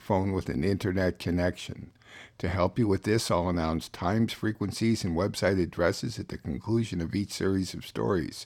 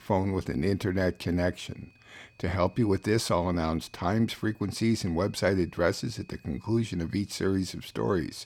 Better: first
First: none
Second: high-pitched whine; faint; throughout; 2.5 kHz, 35 dB below the speech

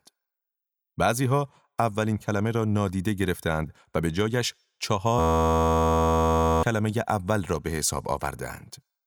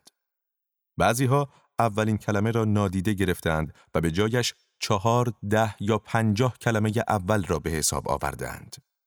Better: second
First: audio freezing; at 5 s for 1.5 s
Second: none

